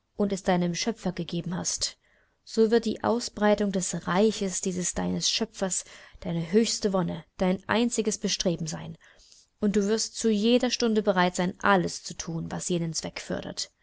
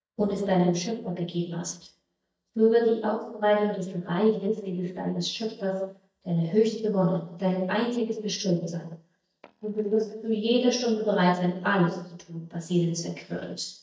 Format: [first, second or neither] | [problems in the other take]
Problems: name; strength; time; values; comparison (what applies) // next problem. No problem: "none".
first | noise reduction (neural mask model DeepFilterNet 3)